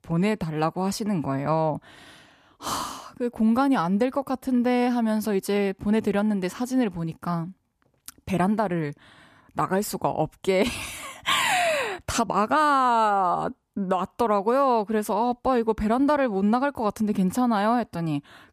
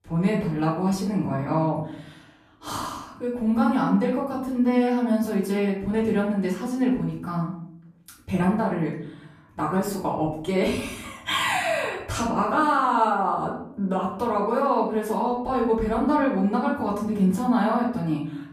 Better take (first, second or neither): first